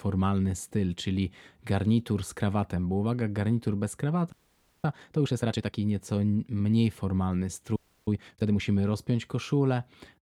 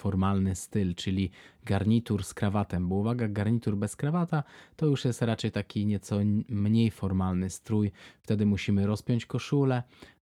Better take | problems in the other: second | audio freezing; at 4.5 s for 0.5 s and at 8 s

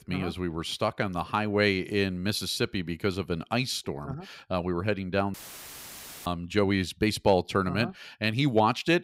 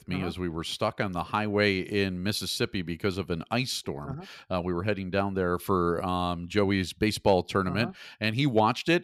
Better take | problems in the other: second | audio cutting out; filled with static; at 5.5 s for 1 s

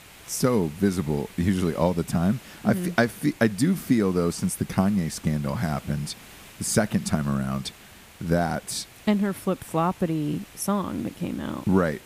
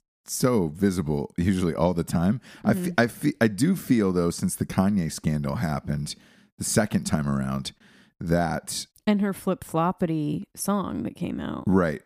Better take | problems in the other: second | hiss; faint; throughout; 20 dB below the speech

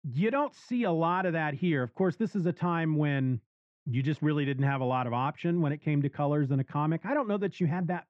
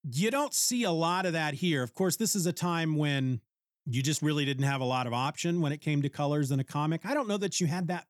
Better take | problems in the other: second | muffled; very; fading above 2 kHz

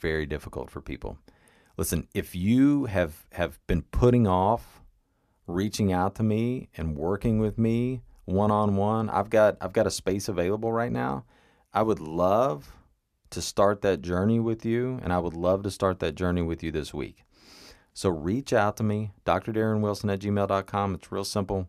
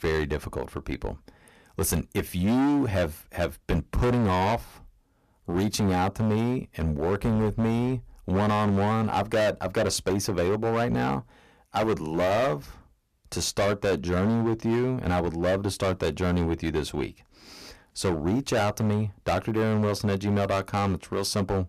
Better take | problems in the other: first | distortion; heavy; 16% of the sound clipped

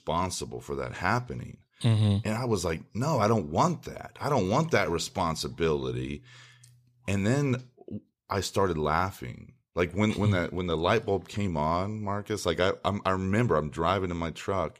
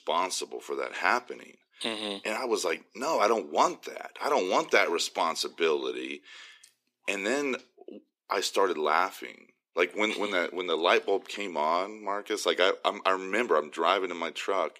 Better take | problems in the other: first | thin; somewhat; fading below 300 Hz

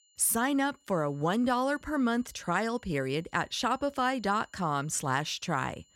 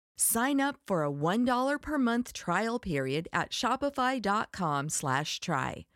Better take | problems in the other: second | high-pitched whine; faint; throughout; 7 kHz, 35 dB below the speech

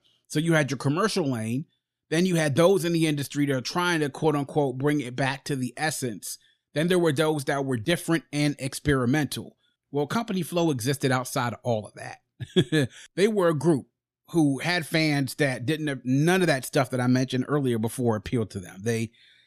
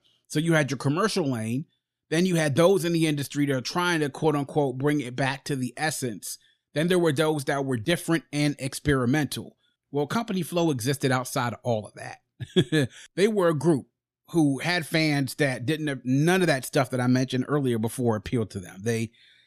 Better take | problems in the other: neither | none

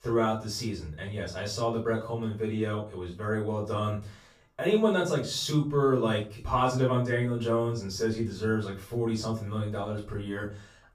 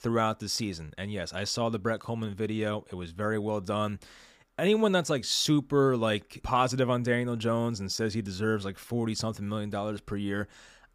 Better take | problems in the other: second | off-mic speech; far // room echo; slight; dies away in 0.3 s

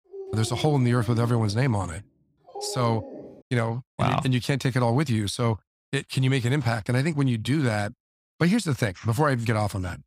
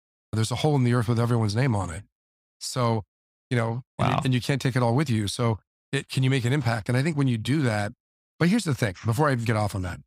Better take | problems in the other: second | dog barking; faint; until 3.5 s; peak 10 dB below the speech

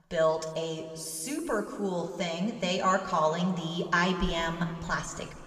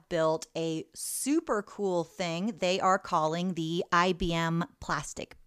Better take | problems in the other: second | room echo; slight; dies away in 1.8 s

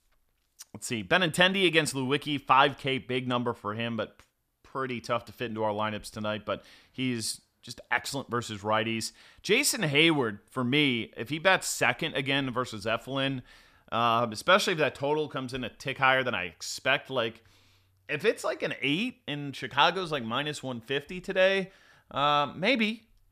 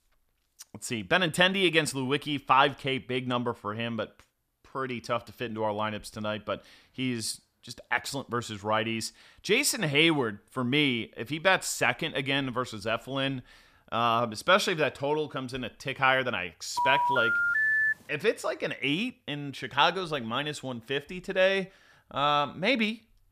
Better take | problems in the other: first | phone ringing; loud; from 17 to 18 s; peak 5 dB above the speech

